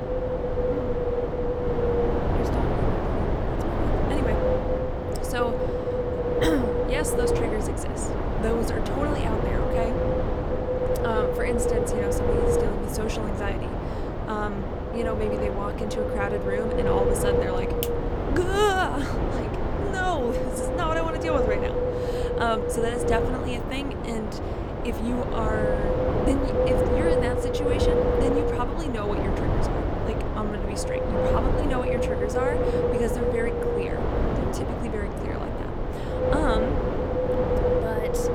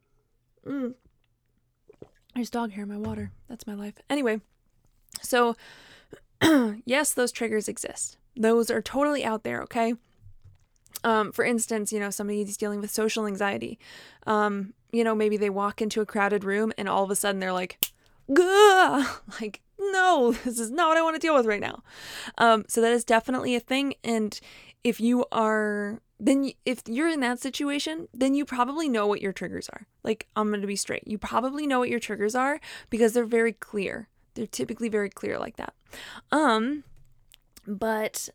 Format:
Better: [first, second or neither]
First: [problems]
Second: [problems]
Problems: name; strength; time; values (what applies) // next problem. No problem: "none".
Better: second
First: wind noise on the microphone; heavy; 3 dB above the speech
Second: none